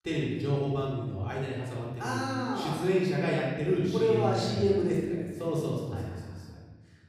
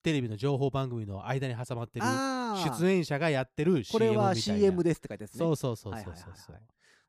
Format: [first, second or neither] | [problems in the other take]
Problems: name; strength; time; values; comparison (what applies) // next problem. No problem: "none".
second | off-mic speech; far // room echo; noticeable; dies away in 1.3 s